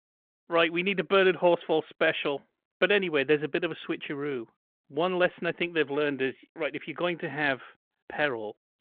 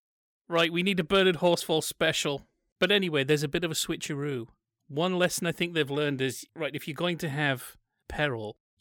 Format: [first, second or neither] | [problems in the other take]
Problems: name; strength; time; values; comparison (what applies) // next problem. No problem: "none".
second | phone-call audio